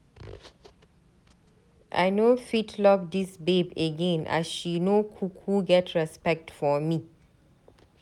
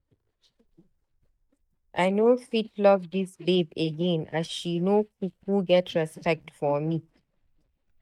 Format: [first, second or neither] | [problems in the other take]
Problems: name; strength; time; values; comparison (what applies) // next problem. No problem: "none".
first | noise reduction (neural mask model DeepFilterNet 3)